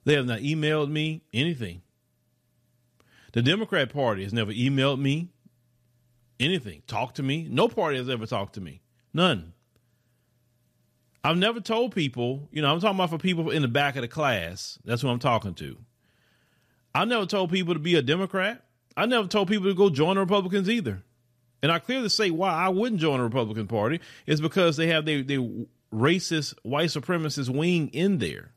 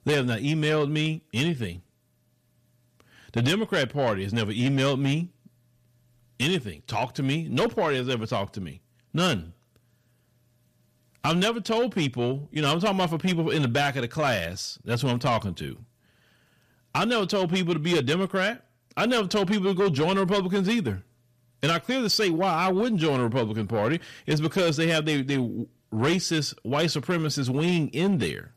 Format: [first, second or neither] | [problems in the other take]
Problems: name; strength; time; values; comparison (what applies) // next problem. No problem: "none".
first | distortion; slight; 10 dB below the speech